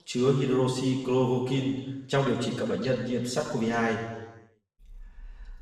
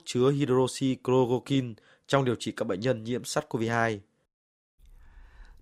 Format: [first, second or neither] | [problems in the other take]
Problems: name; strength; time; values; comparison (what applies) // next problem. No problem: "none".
second | room echo; noticeable; dies away in 1.1 s // off-mic speech; far